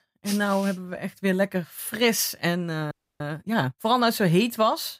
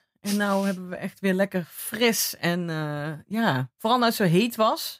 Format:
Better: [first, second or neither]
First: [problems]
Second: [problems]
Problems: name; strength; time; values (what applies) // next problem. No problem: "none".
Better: second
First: audio freezing; at 3 s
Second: none